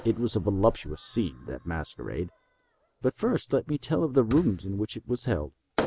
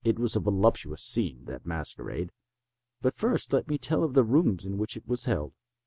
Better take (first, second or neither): second